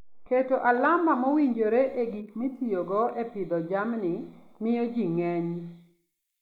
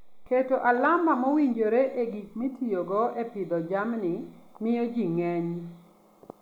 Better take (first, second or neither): second